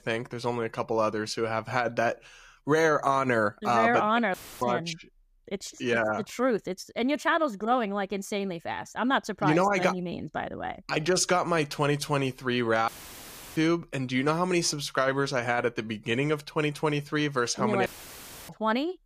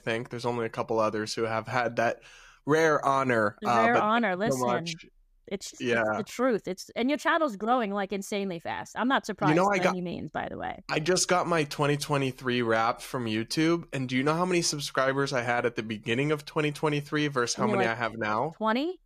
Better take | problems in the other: second | audio cutting out; filled with static; at 4.5 s, at 13 s for 0.5 s and at 18 s for 0.5 s

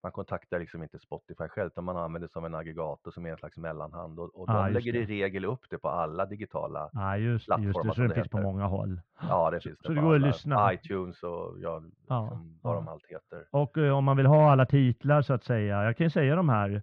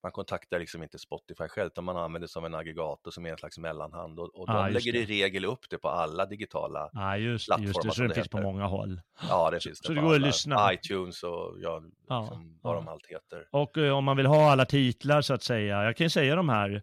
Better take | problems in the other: second | muffled; very; fading above 1.5 kHz

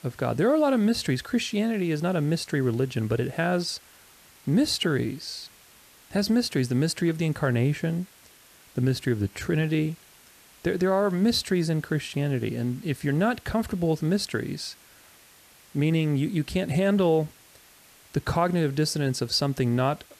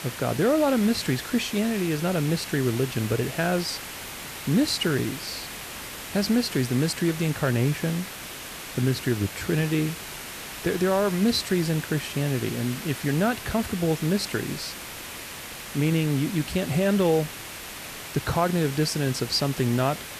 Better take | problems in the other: first | hiss; loud; throughout; 10 dB below the speech; faint in the first

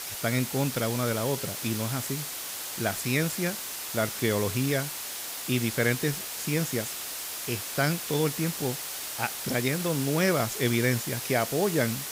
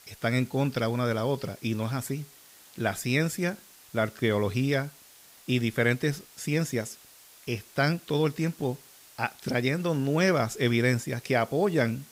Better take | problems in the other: second | hiss; loud; throughout; 4 dB below the speech; faint in the second

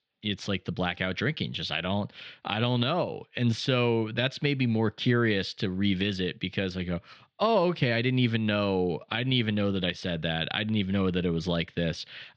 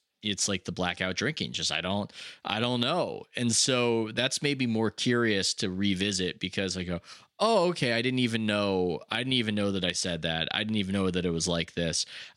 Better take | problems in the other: second | muffled; slightly; fading above 4 kHz

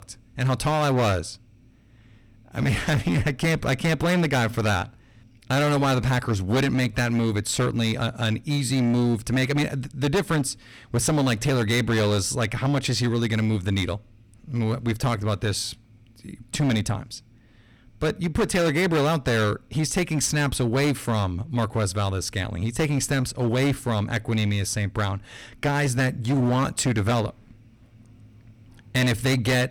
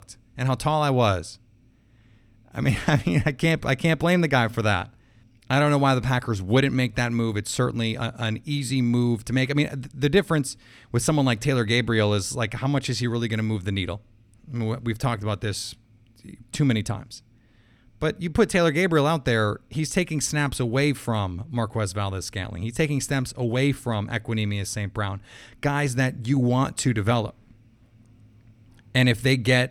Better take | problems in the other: second | distortion; heavy; 14% of the sound clipped

